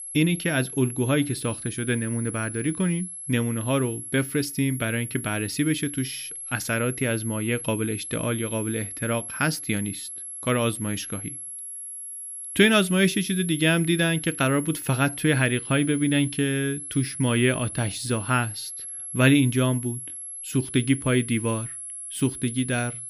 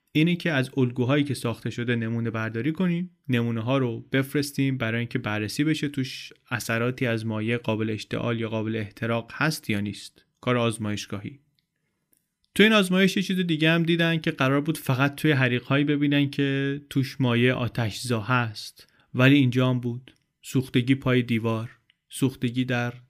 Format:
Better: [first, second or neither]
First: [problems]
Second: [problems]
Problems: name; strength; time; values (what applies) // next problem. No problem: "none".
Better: second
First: high-pitched whine; loud; throughout; 11 kHz, 9 dB below the speech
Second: none